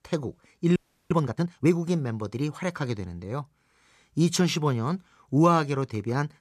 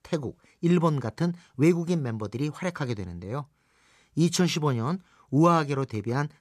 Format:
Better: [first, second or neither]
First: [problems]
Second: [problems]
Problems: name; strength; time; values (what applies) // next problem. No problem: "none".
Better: second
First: audio freezing; at 1 s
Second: none